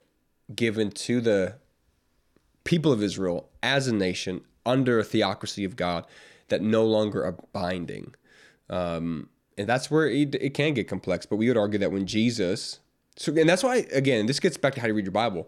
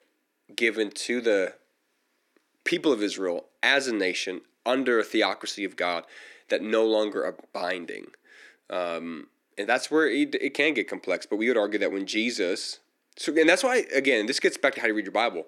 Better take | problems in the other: first | thin; very slightly; fading below 300 Hz

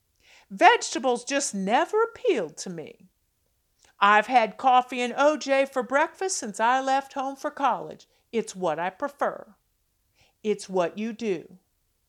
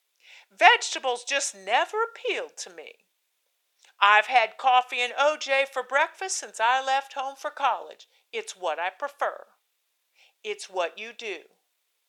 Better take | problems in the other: first | thin; very; fading below 500 Hz

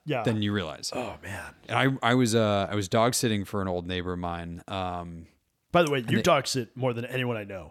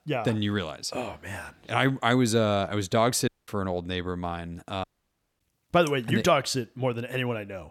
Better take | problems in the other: first | audio cutting out; at 3.5 s and at 5 s for 0.5 s

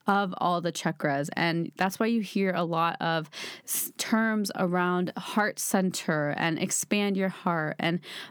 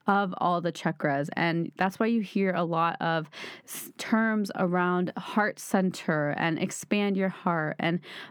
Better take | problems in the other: first | muffled; slightly; fading above 3.5 kHz

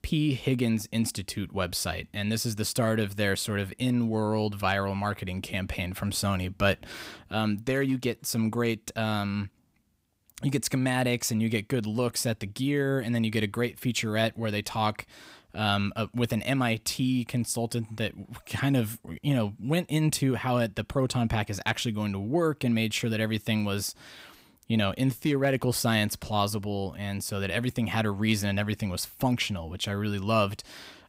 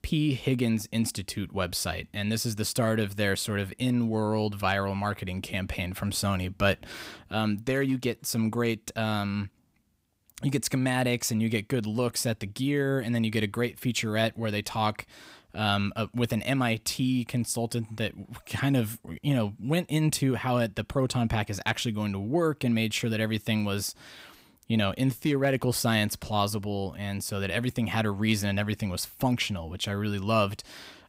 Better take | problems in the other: neither | none

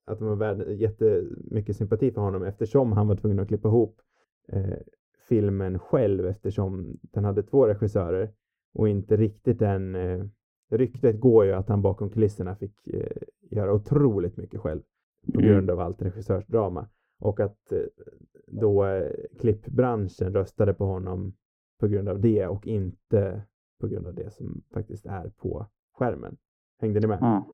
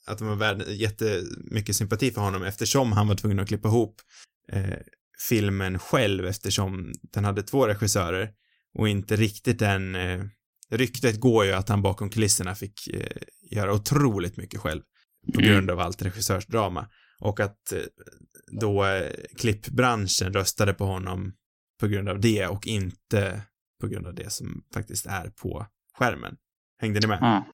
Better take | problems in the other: second | muffled; very; fading above 2 kHz

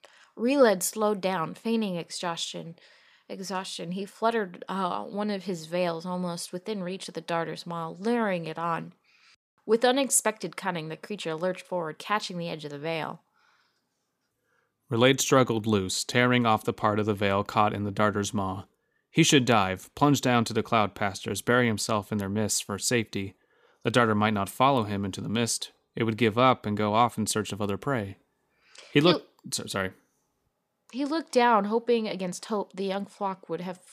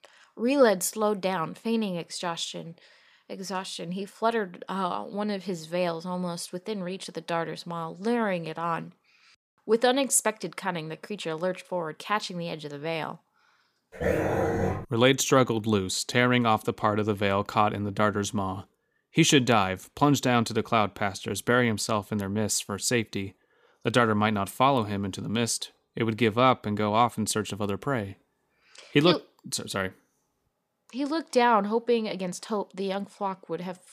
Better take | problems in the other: first | dog barking; loud; at 14 s; peak 1 dB above the speech

